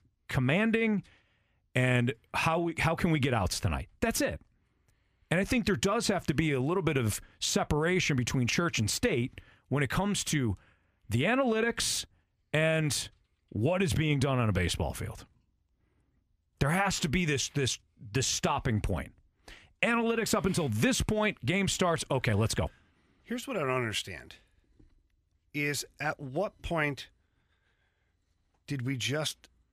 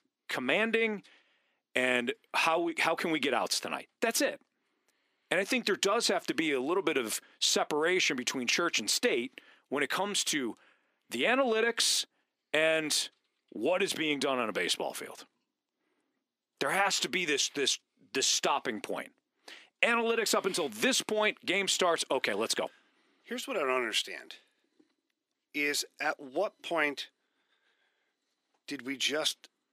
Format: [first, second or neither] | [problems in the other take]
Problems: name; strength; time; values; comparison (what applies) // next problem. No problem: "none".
first | thin; somewhat; fading below 300 Hz